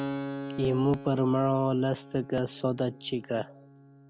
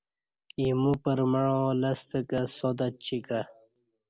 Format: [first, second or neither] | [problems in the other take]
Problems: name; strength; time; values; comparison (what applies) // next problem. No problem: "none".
second | background sound (Keyboard (musical)); 12 dB below the speech